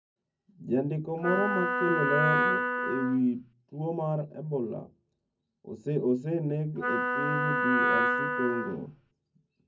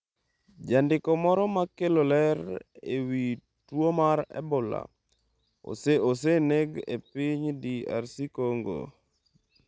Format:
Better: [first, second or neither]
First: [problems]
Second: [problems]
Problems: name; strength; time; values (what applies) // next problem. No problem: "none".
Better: second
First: background sound (Wind instrument, woodwind instrument); 3 dB above the speech // room echo; dies away in 0.3 s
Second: none